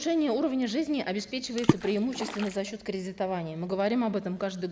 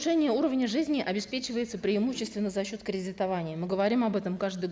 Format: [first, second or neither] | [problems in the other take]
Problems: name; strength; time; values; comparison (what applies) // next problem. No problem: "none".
second | background sound (Water / Splash, splatter); 2 dB below the speech